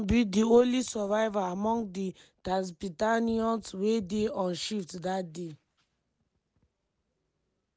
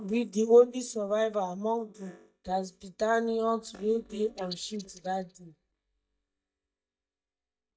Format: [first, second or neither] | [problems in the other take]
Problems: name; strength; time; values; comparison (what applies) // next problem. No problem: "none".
first | noise reduction (neural mask model DeepFilterNet 3)